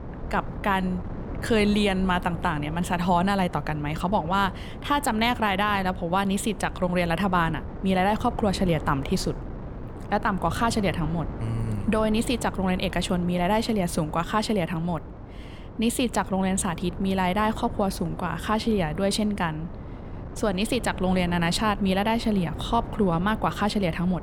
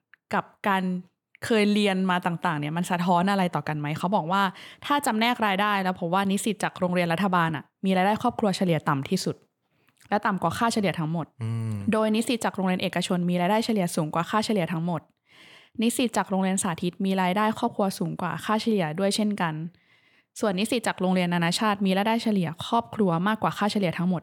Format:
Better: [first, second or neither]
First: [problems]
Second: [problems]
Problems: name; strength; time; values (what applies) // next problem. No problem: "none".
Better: second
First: wind noise on the microphone; occasional gusts; 15 dB below the speech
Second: none